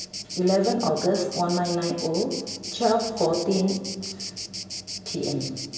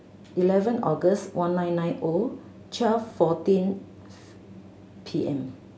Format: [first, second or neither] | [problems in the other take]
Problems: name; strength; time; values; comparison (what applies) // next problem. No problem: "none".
second | background sound (Insect); 10 dB below the speech // room echo; dies away in 1.4 s